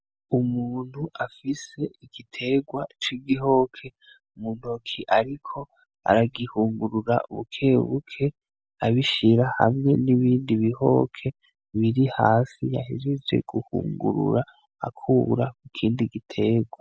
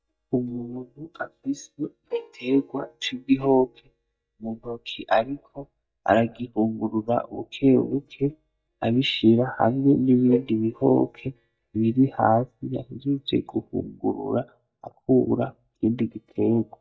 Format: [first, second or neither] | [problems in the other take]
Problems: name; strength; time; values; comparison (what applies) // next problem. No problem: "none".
first | noise reduction (neural mask model DeepFilterNet 3)